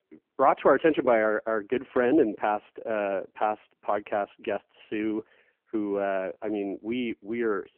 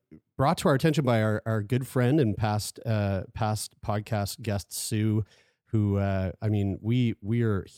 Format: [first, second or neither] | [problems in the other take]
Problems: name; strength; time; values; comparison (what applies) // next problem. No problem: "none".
second | phone-call audio; poor line